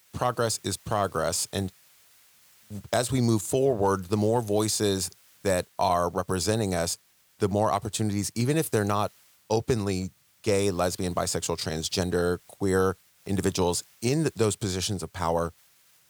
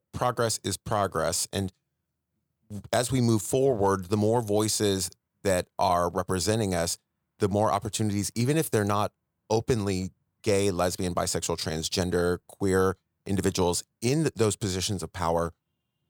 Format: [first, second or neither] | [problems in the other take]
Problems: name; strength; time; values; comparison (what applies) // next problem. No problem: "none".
second | hiss; faint; throughout; 30 dB below the speech